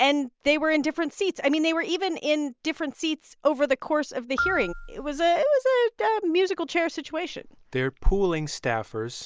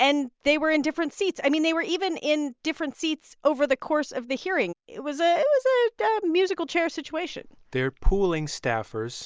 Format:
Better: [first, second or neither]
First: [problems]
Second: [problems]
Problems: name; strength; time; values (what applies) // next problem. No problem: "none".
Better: second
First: background sound (Marimba, xylophone); 10 dB below the speech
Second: none